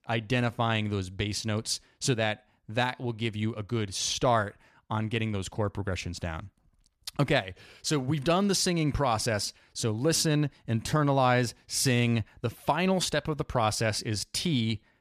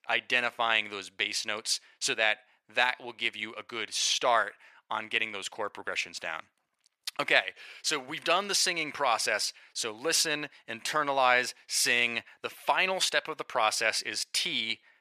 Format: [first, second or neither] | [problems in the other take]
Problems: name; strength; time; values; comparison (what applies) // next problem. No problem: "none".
first | thin; very; fading below 550 Hz